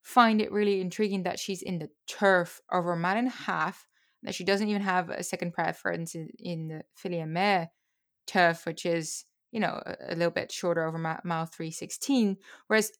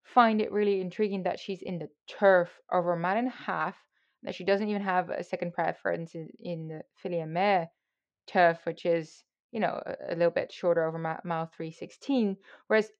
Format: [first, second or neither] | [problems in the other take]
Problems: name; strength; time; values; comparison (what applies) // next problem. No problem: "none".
first | muffled; slightly; fading above 4 kHz